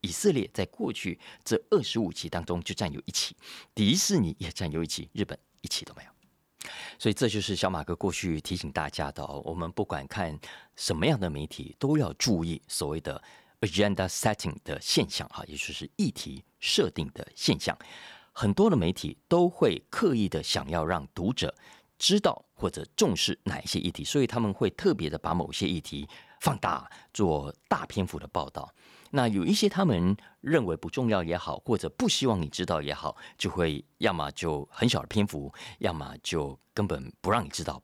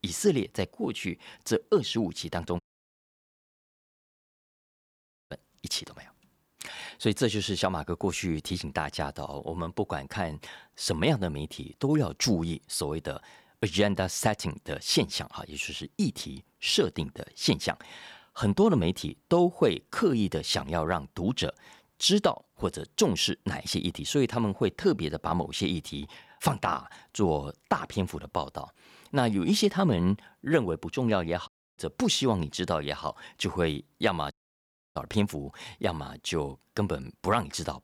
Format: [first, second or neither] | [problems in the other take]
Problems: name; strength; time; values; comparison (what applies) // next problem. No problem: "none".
first | audio cutting out; at 2.5 s for 2.5 s, at 31 s and at 34 s for 0.5 s